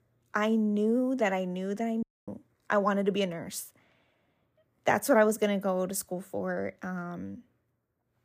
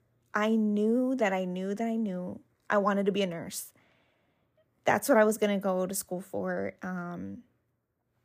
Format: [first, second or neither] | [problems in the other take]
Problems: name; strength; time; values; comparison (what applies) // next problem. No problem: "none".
second | audio cutting out; at 2 s